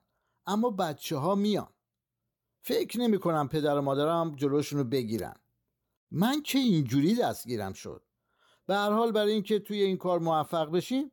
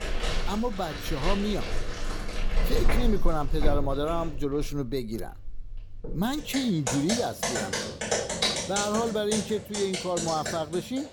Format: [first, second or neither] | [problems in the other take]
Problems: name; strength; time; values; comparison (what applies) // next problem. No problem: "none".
first | household noises; loud; throughout; 2 dB below the speech